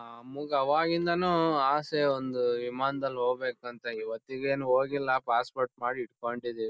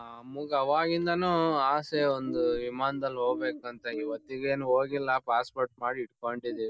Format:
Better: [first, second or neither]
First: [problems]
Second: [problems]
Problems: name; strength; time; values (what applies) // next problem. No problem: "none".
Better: first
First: none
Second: background sound (Bird); 15 dB below the speech